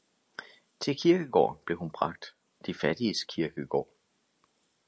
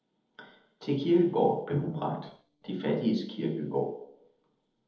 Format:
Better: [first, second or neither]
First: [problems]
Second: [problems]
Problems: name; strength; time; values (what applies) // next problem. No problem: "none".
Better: first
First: none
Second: noise reduction (neural separator model SepFormer DNS4)